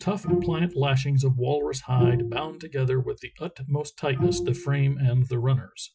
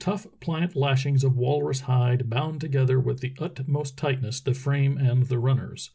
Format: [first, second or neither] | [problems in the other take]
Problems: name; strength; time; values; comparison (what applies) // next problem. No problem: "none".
second | noise reduction (classical method Wiener filter)